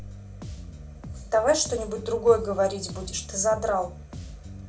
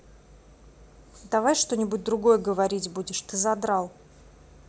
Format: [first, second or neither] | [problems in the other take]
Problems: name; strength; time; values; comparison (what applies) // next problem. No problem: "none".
second | background sound (Bass guitar); 13 dB below the speech // room echo; dies away in 0.2 s